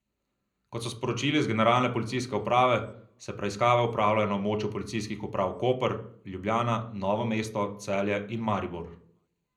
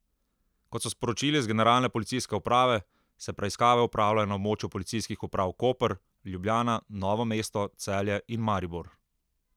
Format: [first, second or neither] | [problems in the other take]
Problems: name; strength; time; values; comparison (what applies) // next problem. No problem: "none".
second | room echo; dies away in 0.5 s